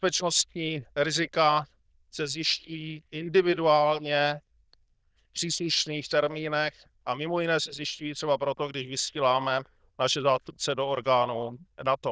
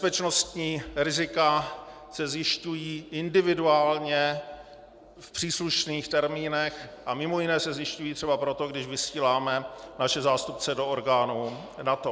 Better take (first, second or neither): second